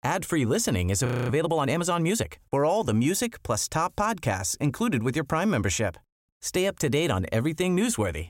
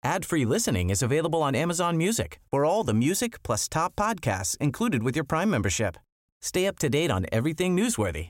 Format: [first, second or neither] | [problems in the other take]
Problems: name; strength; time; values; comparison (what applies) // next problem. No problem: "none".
second | audio freezing; at 1 s